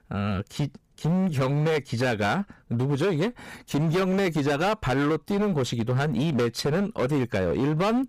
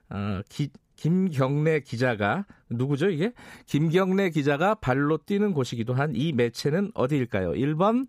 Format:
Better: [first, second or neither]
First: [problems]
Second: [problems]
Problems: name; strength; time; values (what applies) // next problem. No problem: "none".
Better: second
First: distortion; heavy; 23% of the sound clipped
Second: none